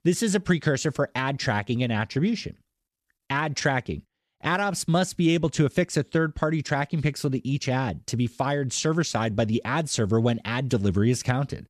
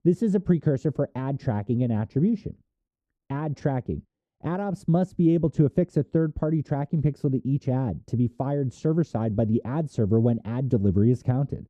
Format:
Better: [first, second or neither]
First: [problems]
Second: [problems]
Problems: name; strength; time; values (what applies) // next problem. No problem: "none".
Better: first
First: none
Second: muffled; very; fading above 1 kHz